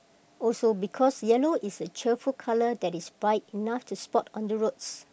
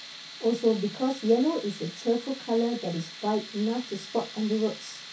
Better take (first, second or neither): first